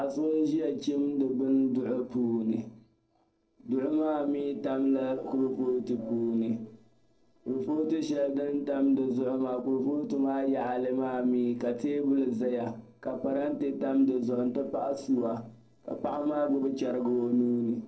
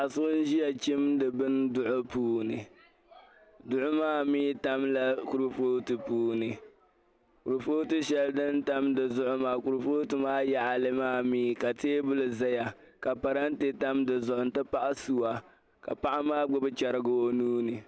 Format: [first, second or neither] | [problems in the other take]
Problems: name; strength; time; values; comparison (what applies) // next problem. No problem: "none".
second | noise reduction (neural separator model SepFormer DNS4)